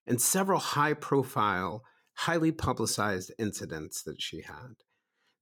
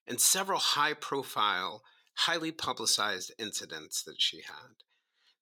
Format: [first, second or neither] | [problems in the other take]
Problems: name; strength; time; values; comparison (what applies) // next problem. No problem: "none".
first | thin; somewhat; fading below 850 Hz